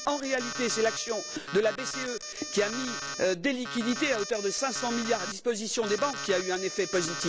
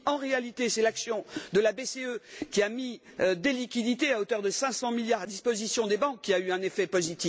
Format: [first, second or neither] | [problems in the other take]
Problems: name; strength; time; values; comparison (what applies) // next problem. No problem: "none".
second | background sound (Alarm); 7 dB below the speech